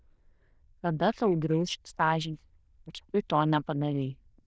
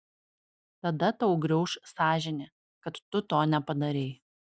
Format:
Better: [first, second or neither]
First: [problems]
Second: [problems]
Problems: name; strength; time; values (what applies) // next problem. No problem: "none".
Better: second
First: noise reduction (neural diffusion model UNIVERSE++)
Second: none